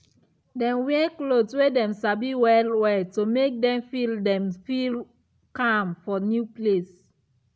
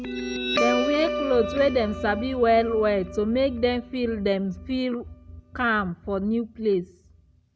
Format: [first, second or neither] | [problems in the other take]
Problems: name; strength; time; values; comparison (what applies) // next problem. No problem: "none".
first | background sound (Guitar); 7 dB below the speech